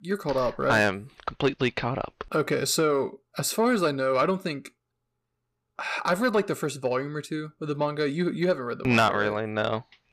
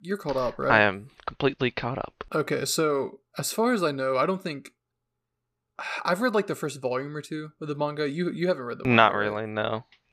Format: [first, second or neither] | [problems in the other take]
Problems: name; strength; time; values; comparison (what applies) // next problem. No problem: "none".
second | distortion; slight; 10 dB below the speech